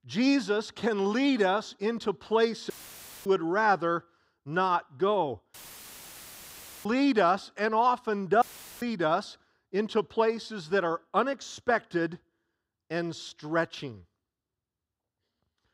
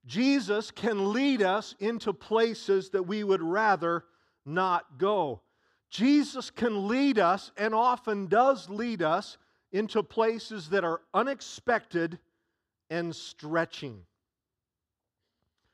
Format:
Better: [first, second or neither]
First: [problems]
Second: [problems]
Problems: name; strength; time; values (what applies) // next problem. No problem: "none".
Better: second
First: audio cutting out; filled with static; at 2.5 s for 0.5 s, at 5.5 s for 1.5 s and at 8.5 s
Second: none